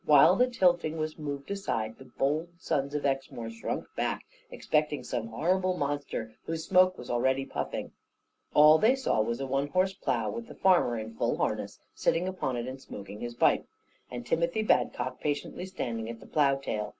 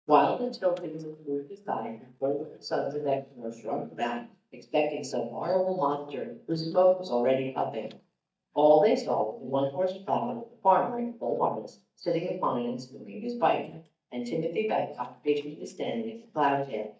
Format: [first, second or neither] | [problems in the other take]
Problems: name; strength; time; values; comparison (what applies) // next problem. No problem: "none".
first | noise reduction (neural mask model DeepFilterNet 3)